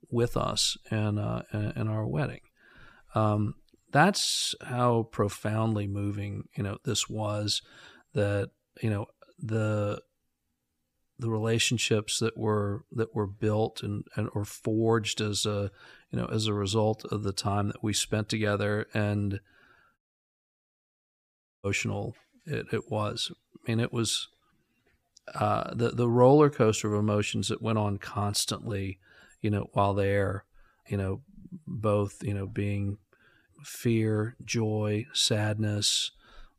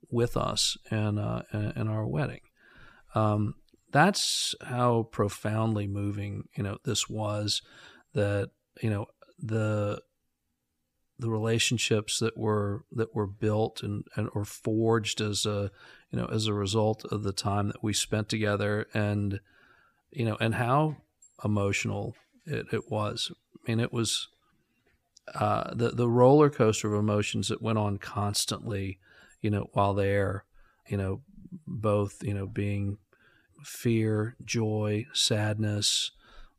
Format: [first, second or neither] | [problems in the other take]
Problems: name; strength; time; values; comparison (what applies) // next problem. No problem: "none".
second | audio cutting out; at 20 s for 1.5 s